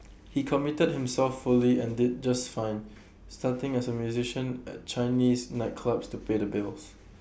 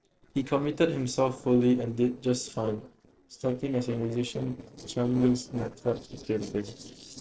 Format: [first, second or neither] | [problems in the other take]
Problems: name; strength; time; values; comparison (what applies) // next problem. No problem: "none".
first | noise reduction (neural separator model SepFormer DNS4)